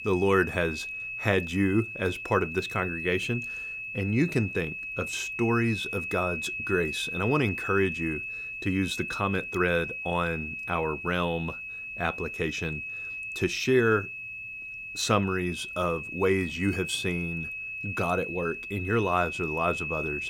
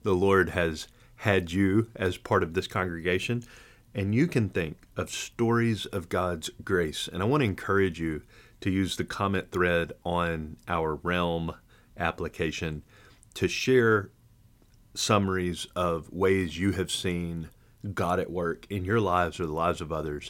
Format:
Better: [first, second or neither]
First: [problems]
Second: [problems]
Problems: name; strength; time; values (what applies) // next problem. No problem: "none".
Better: second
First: high-pitched whine; loud; throughout; 2.5 kHz, 5 dB below the speech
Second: none